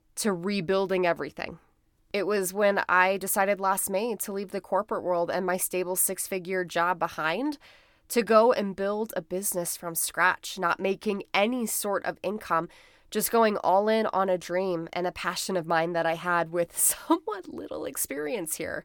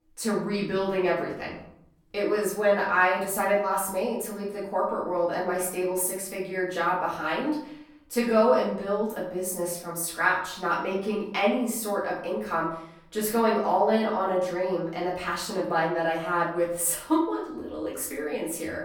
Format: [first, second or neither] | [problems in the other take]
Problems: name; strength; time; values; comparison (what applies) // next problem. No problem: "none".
first | off-mic speech; far // room echo; noticeable; dies away in 0.6 s